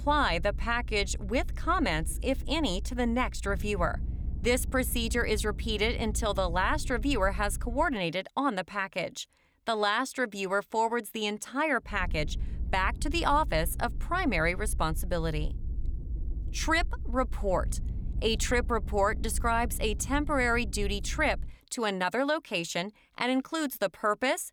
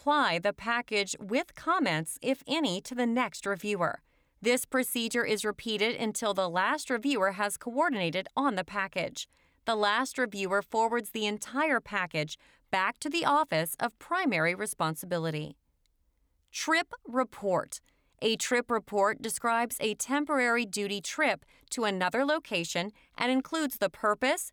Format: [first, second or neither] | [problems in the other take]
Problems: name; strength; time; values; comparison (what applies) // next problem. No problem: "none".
second | low rumble; faint; until 8 s and from 12 to 21 s; 25 dB below the speech